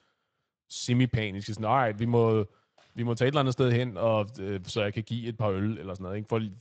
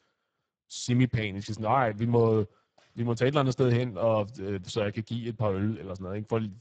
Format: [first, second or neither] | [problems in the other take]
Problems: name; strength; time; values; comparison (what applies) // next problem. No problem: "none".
first | garbled, watery; badly; nothing above 7.5 kHz; slightly in the first